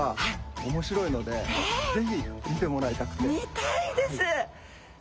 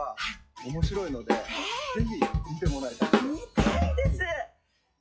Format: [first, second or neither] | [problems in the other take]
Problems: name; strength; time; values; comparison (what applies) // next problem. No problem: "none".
first | noise reduction (classical method log-MMSE)